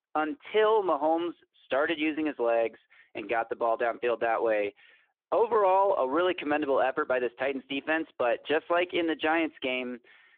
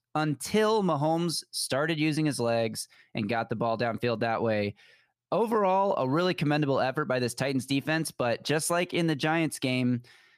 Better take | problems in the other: second | phone-call audio

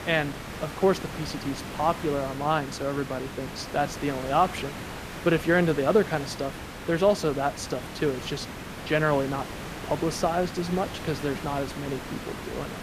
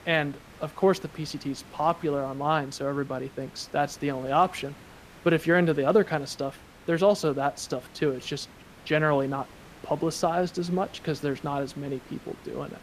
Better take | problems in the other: second | hiss; loud; throughout; 9 dB below the speech; faint in the second

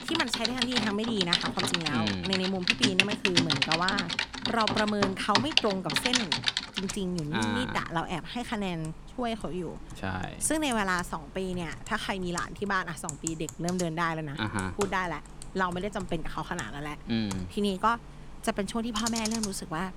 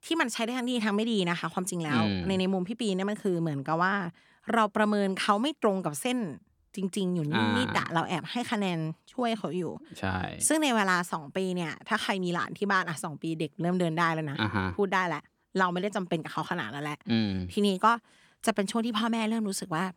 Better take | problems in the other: second | household noises; very loud; throughout; 2 dB above the speech

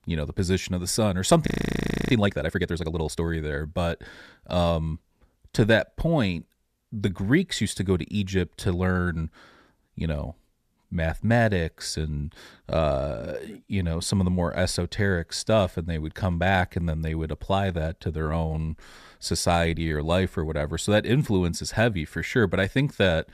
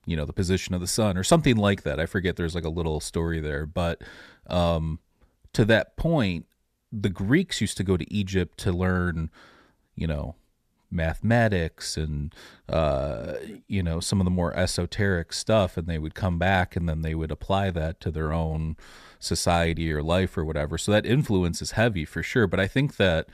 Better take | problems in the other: second | audio freezing; at 1.5 s for 0.5 s

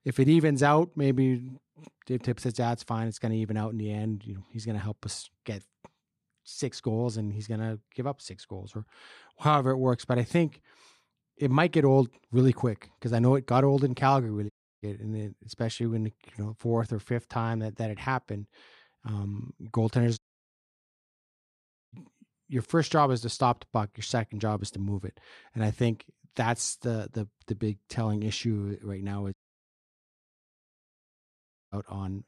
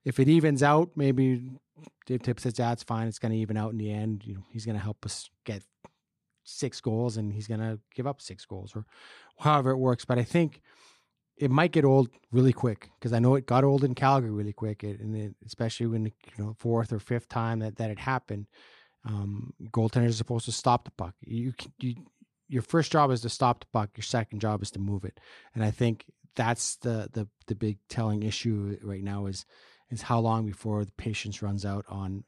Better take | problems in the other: second | audio cutting out; at 15 s, at 20 s for 1.5 s and at 29 s for 2.5 s

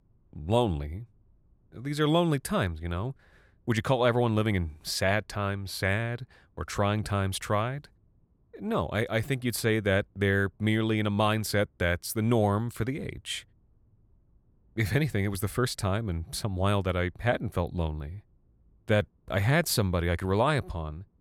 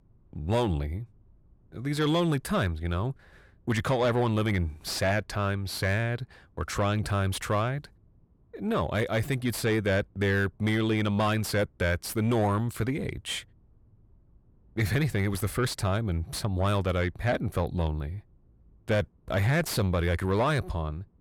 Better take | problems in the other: first | distortion; slight; 10 dB below the speech

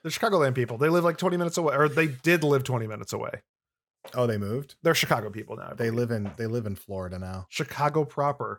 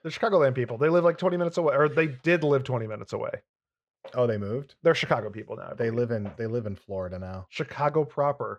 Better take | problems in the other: first | muffled; slightly; fading above 3.5 kHz

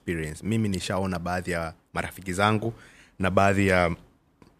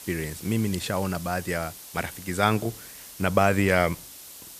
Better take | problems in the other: first | hiss; noticeable; throughout; 15 dB below the speech

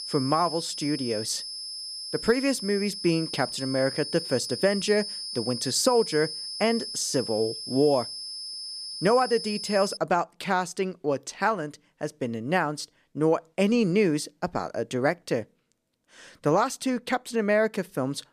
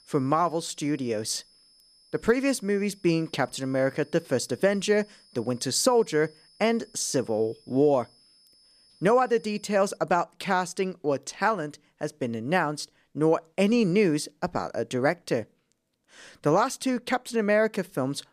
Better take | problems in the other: second | high-pitched whine; loud; until 10 s; 5 kHz, 7 dB below the speech; faint in the second

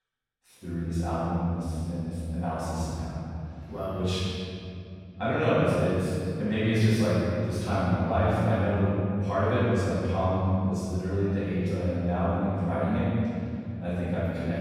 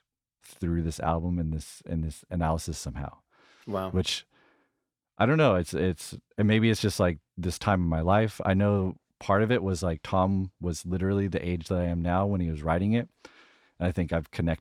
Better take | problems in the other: second | room echo; strong; dies away in 2.9 s // off-mic speech; far

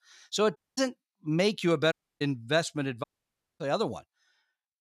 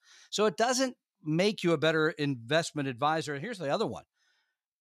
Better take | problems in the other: second | audio cutting out; at 0.5 s, at 2 s and at 3 s for 0.5 s

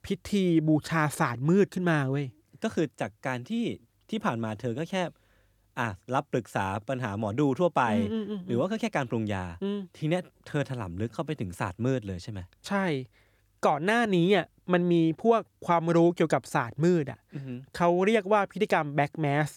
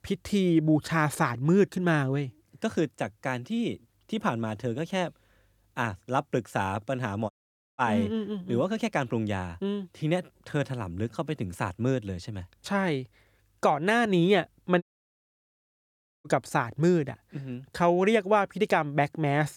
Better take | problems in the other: first | audio cutting out; at 7.5 s and at 15 s for 1.5 s

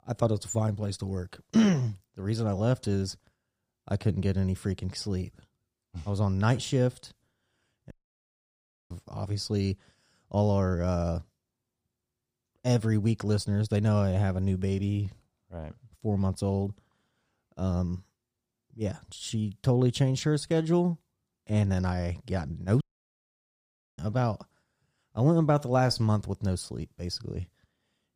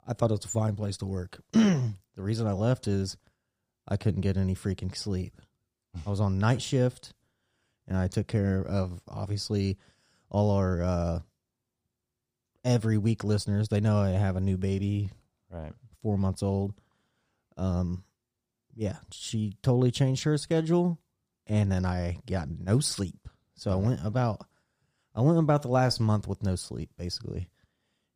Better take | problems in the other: second | audio cutting out; at 8 s for 1 s and at 23 s for 1 s

